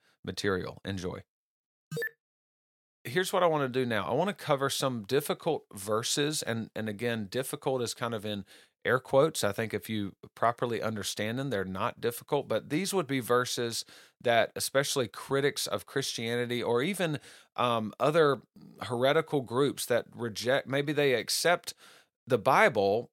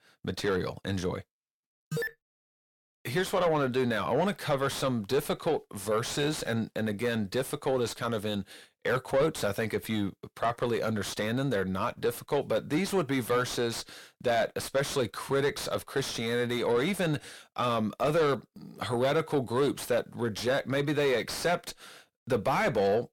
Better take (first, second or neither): first